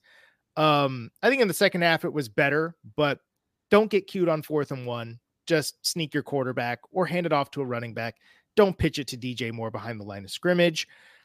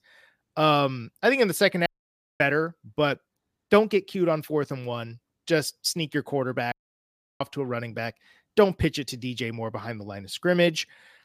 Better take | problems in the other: first | audio cutting out; at 2 s for 0.5 s and at 6.5 s for 0.5 s

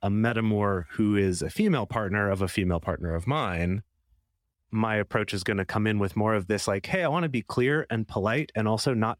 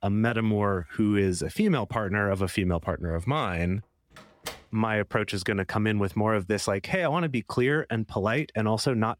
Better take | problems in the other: first | door banging; faint; at 4 s; peak 15 dB below the speech

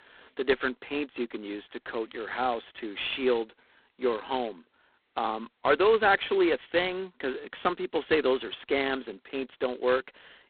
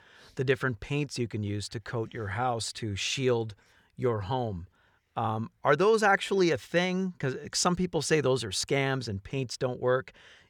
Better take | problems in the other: second | phone-call audio; poor line; nothing above 4 kHz

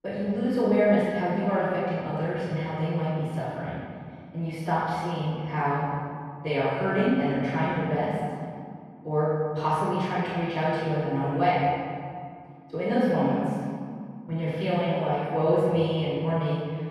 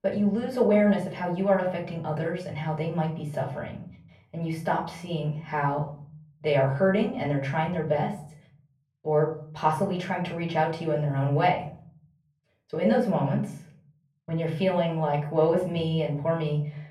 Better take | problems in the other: second | room echo; strong; dies away in 2.1 s; slight in the second // off-mic speech; far; far in the second

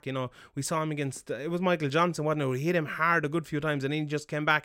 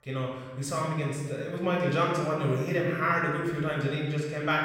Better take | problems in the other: first | off-mic speech; far // room echo; noticeable; dies away in 1.3 s

